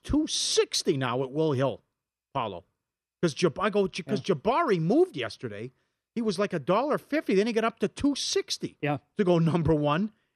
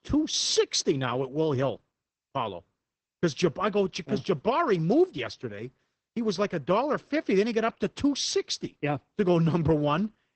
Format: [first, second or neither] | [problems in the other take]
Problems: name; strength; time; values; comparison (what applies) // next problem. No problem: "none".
first | garbled, watery; badly